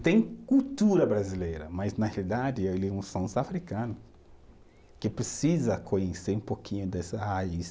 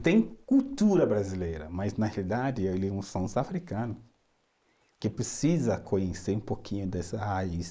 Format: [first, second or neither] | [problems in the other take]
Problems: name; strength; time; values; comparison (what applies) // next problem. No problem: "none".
first | noise reduction (neural mask model Resemble Enhance denoiser)